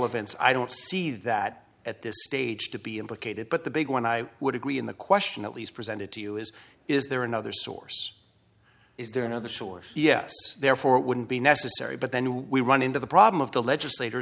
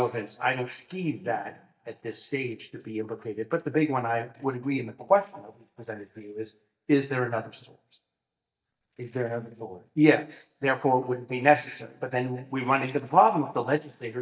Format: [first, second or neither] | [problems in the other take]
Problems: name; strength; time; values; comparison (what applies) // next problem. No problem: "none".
first | noise reduction (neural mask model DeepFilterNet 3)